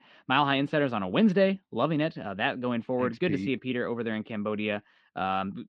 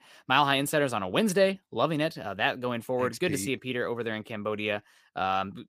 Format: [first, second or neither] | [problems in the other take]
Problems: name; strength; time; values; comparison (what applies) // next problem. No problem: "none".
second | muffled; slightly; fading above 3.5 kHz